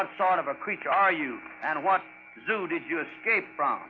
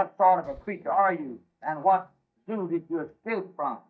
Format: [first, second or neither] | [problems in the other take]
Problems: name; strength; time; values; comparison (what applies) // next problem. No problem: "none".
first | noise reduction (neural mask model DeepFilterNet 3)